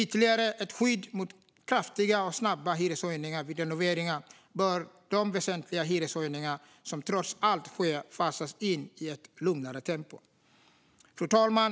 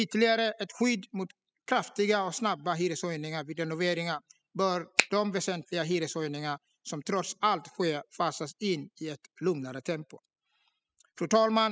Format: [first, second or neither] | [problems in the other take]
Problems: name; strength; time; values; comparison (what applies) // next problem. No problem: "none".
first | noise reduction (classical method spectral subtraction)